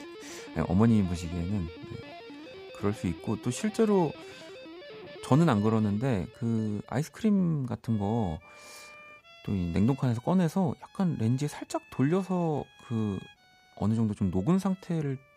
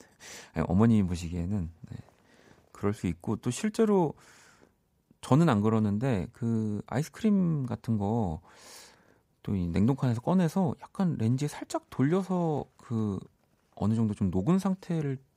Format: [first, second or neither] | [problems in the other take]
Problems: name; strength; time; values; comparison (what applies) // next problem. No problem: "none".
second | background music; noticeable; throughout; 20 dB below the speech